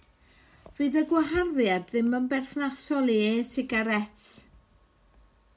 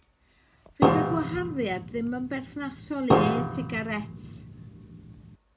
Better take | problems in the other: first | background sound (Piano); 4 dB above the speech

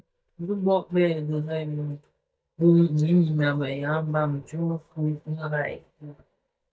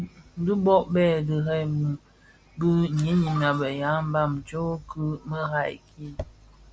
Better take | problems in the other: second | noise reduction (neural mask model DeepFilterNet 3)

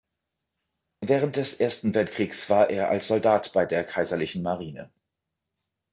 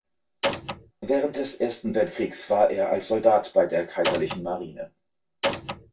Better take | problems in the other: first | background sound (Door); 3 dB below the speech // room echo; dies away in 0.1 s

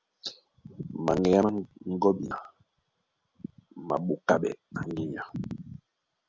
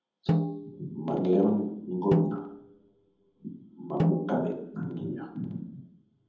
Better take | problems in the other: first | background sound (Snare drum); 1 dB below the speech // room echo; dies away in 0.8 s

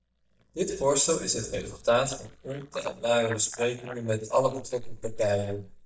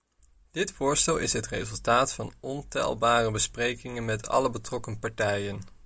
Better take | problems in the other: second | noise reduction (neural mask model DeepFilterNet 3)

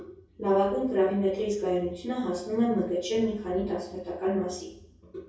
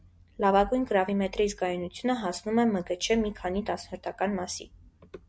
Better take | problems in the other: second | room echo; dies away in 0.6 s

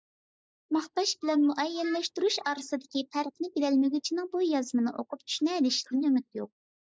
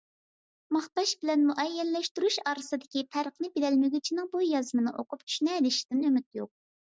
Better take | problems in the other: second | noise reduction (neural mask model Resemble Enhance denoiser)

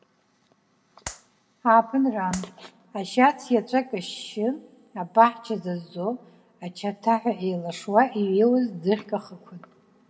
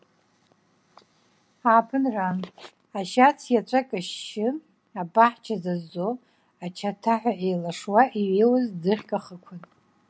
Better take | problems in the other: second | background sound (Clapping); 14 dB below the speech // room echo; dies away in 0.8 s

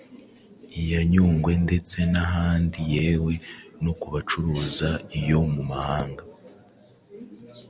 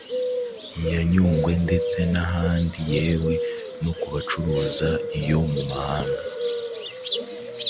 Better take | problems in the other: first | background sound (Bird); 4 dB below the speech

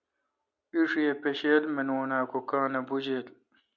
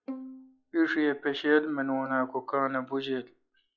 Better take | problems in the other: first | noise reduction (classical method log-MMSE)

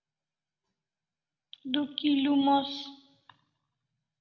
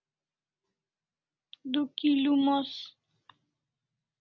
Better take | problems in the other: second | room echo; dies away in 1 s

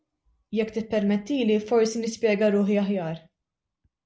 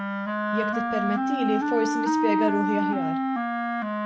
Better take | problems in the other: first | background sound (Wind instrument, woodwind instrument); 4 dB above the speech

